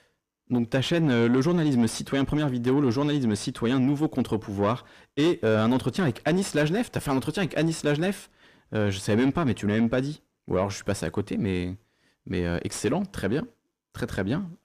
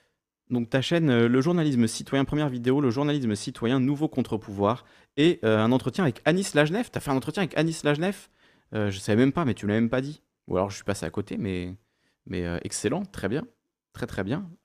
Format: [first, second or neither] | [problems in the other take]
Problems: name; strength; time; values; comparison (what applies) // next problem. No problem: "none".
second | distortion; slight; 10 dB below the speech